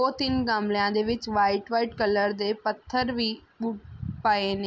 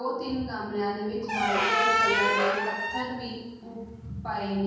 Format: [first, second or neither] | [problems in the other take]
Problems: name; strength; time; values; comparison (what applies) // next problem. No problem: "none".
first | background sound (Squeak); 3 dB above the speech // room echo; dies away in 1.3 s